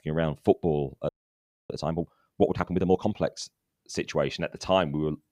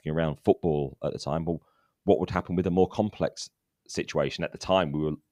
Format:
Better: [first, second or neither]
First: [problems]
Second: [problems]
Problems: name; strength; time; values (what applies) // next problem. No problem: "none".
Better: second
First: audio freezing; at 1 s for 0.5 s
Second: none